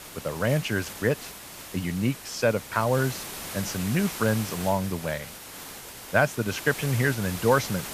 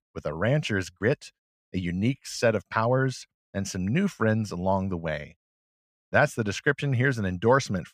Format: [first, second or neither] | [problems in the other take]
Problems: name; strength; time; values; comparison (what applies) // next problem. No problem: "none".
second | hiss; loud; throughout; 10 dB below the speech